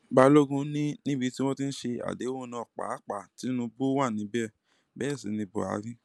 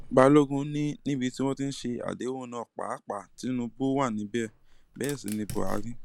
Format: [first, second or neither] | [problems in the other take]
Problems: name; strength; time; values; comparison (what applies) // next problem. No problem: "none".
first | background sound (Fire); 12 dB below the speech